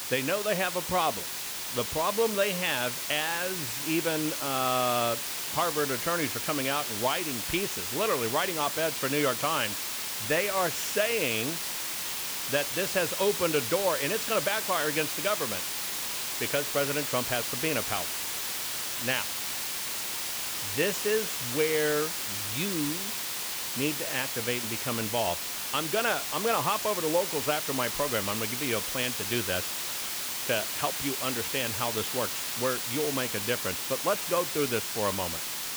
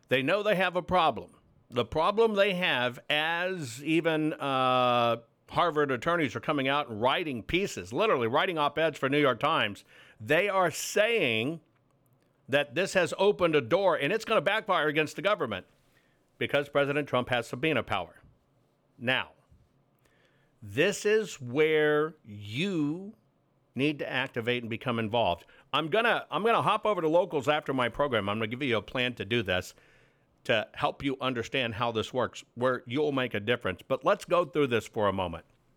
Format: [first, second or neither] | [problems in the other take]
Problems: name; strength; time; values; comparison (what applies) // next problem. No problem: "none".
second | hiss; loud; throughout; as loud as the speech